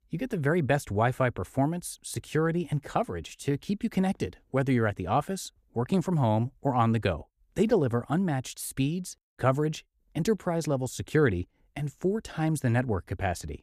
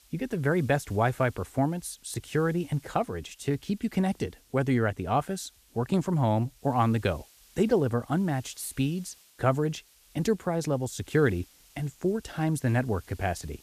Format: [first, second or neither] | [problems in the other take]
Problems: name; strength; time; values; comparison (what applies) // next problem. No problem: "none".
first | hiss; faint; throughout; 25 dB below the speech